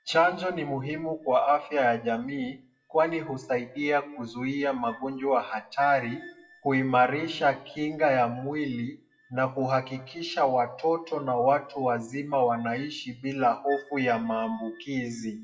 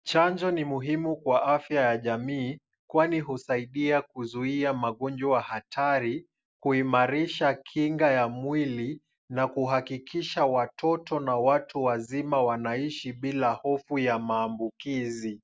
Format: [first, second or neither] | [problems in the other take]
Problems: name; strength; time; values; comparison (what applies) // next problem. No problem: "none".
second | noise reduction (classical method WPE with log-MMSE)